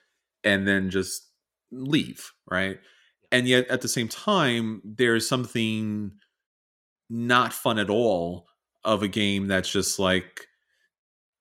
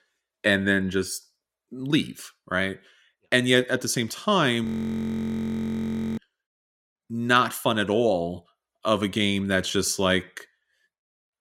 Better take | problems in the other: first | audio freezing; at 4.5 s for 1.5 s

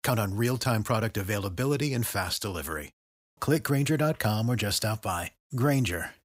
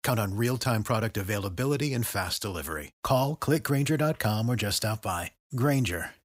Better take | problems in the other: second | audio cutting out; at 3 s

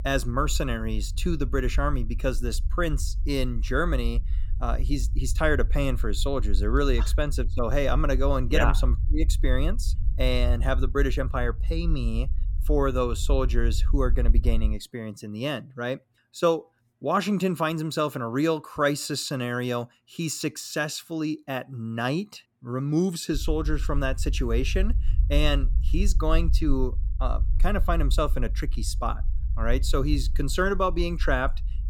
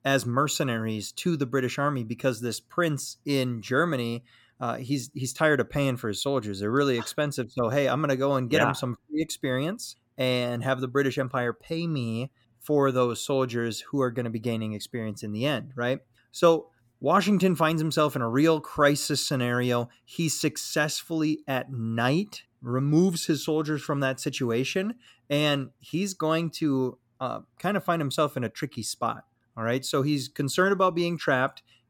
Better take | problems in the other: second | low rumble; faint; until 15 s and from 23 s on; 20 dB below the speech

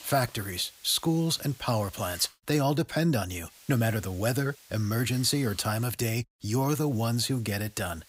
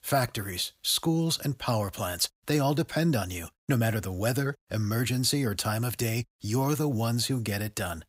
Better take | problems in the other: second | hiss; faint; until 2.5 s, from 3.5 to 6 s and from 7 s on; 20 dB below the speech

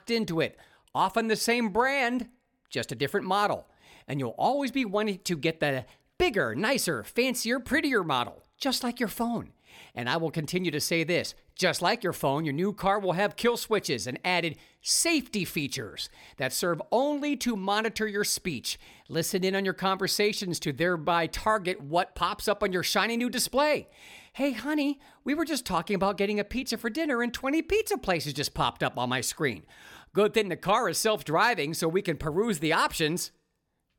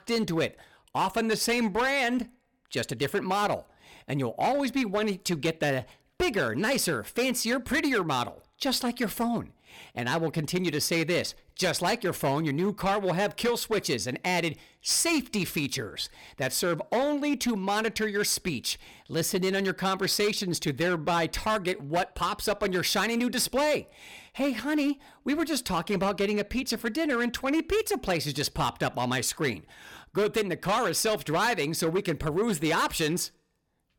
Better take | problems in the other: first | distortion; slight; 9% of the sound clipped

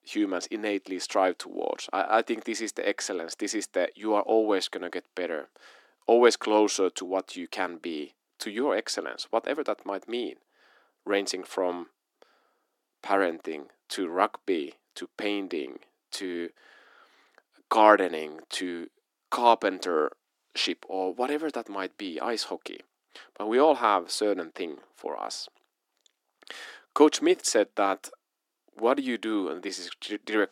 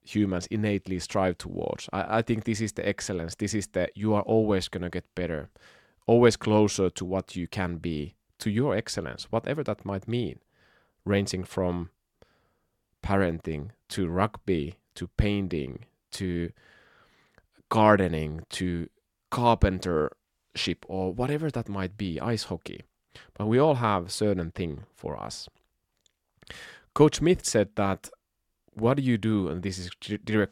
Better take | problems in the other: second | thin; somewhat; fading below 300 Hz

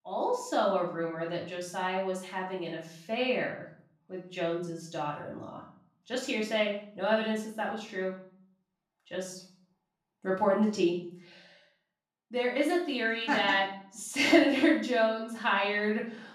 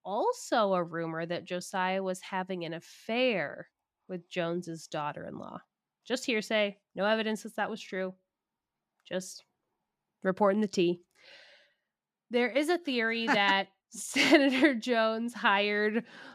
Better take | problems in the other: second | room echo; noticeable; dies away in 0.5 s // off-mic speech; far

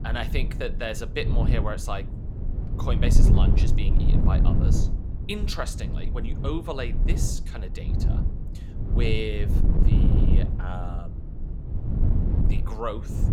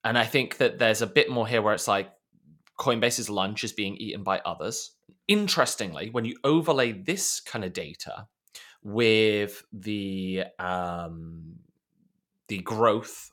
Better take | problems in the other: second | wind noise on the microphone; heavy; 4 dB below the speech

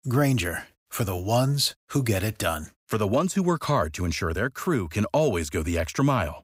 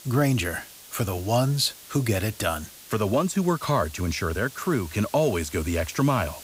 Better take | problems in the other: first | hiss; noticeable; throughout; 15 dB below the speech

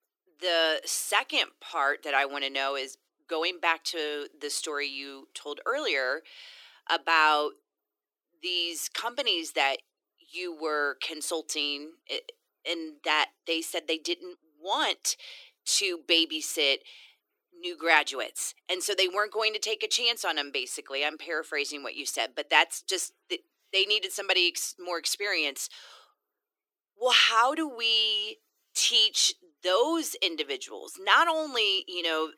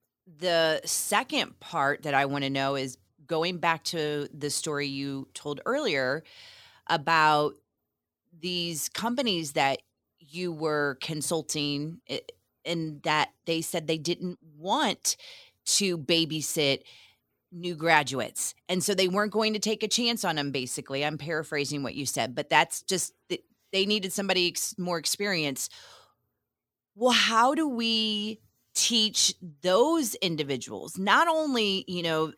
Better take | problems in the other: second | thin; very; fading below 300 Hz

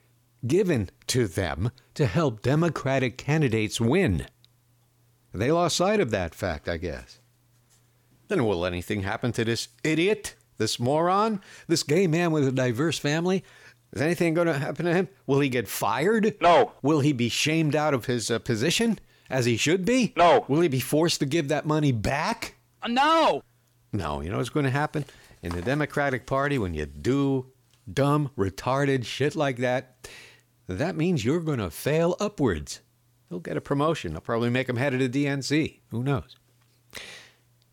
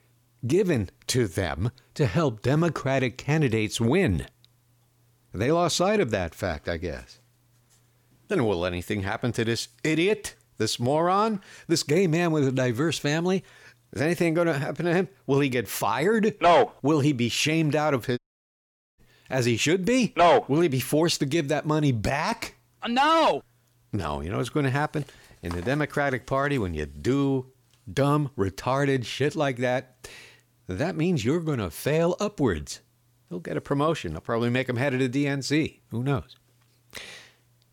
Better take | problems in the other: first | audio cutting out; at 18 s for 1 s

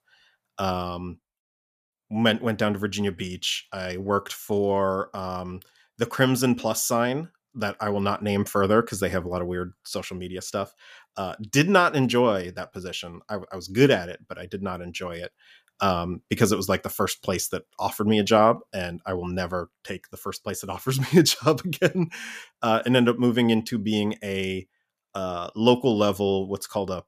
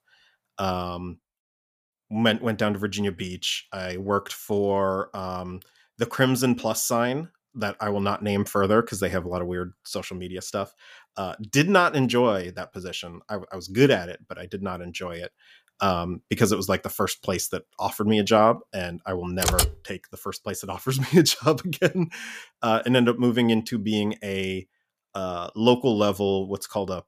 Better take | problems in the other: first | keyboard typing; loud; at 19 s; peak 3 dB above the speech

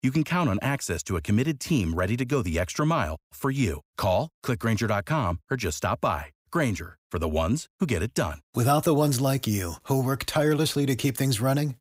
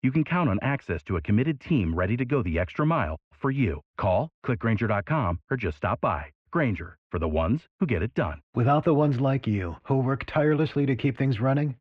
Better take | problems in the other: first | muffled; very; fading above 2.5 kHz

